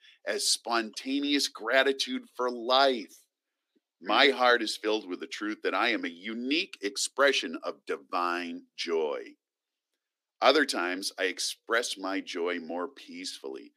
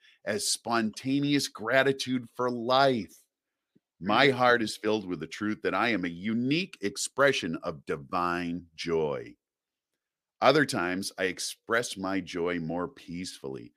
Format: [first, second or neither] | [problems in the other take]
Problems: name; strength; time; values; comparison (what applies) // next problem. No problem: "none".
second | thin; very slightly; fading below 250 Hz